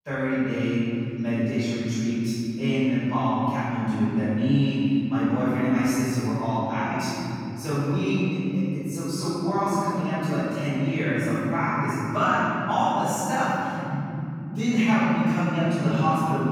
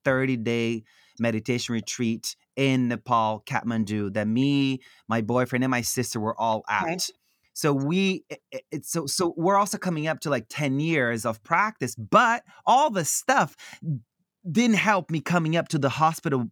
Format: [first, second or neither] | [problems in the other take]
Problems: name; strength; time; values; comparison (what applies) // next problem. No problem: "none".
second | room echo; strong; dies away in 3 s // off-mic speech; far